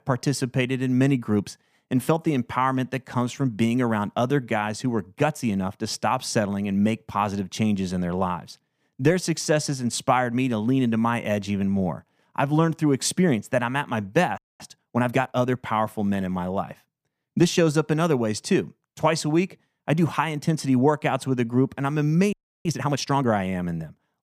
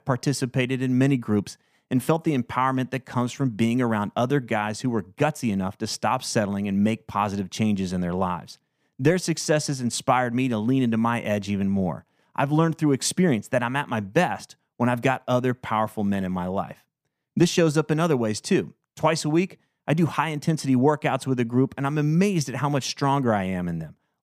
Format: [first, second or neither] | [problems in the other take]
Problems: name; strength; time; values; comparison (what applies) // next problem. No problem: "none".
second | audio freezing; at 14 s and at 22 s